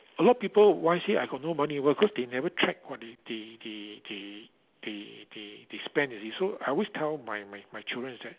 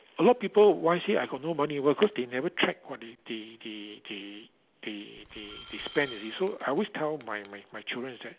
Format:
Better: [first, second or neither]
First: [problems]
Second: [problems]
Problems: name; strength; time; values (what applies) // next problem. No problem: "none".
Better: first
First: none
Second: background sound (Glass); 20 dB below the speech